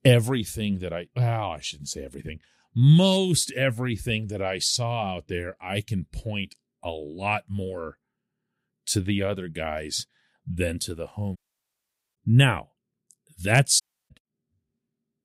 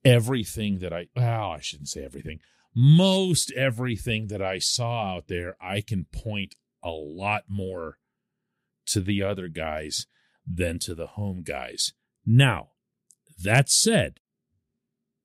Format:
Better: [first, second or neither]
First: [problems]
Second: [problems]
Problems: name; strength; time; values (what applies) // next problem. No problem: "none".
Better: second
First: audio cutting out; at 11 s for 1 s and at 14 s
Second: none